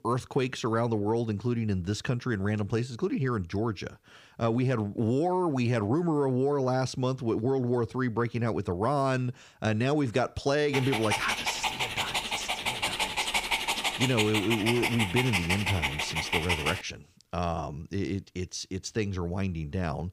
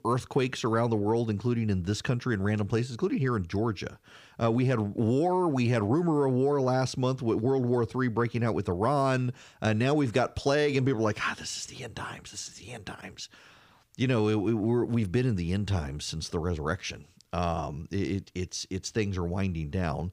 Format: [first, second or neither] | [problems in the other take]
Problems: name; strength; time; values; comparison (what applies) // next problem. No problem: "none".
second | dog barking; loud; from 11 to 17 s; peak 3 dB above the speech